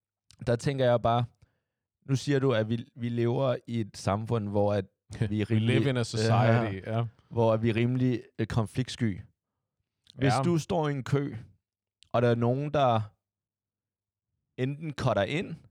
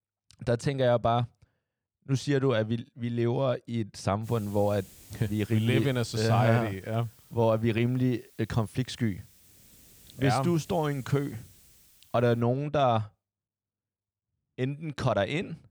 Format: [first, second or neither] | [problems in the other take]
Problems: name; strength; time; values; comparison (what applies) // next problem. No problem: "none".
first | hiss; faint; from 4 to 12 s; 25 dB below the speech